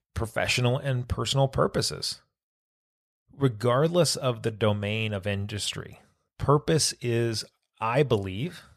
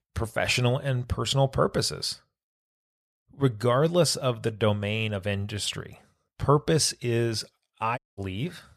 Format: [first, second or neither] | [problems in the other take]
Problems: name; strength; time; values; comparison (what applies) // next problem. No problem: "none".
first | audio cutting out; at 8 s